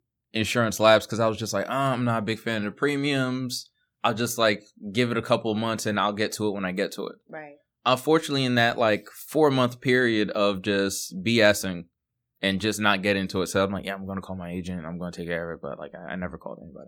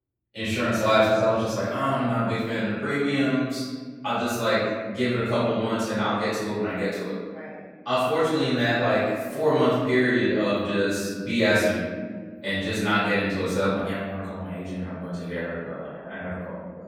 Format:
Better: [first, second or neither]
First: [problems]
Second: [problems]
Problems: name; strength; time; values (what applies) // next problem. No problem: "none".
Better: first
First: none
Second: off-mic speech; far // room echo; strong; dies away in 1.5 s